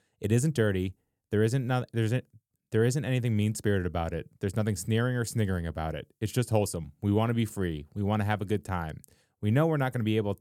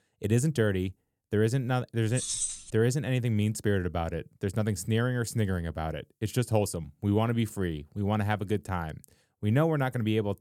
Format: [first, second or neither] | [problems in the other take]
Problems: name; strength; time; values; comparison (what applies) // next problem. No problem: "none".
first | jangling keys; noticeable; at 2 s; peak level with the speech